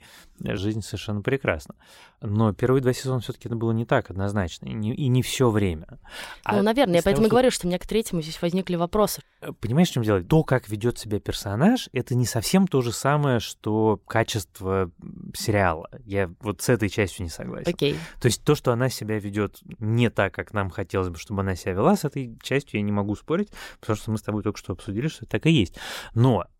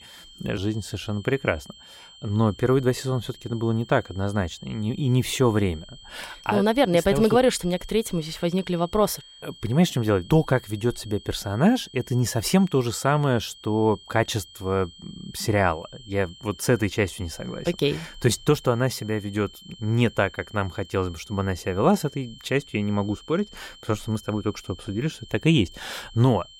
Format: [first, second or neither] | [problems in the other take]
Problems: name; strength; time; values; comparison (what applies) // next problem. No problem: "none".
first | high-pitched whine; faint; throughout; 3 kHz, 20 dB below the speech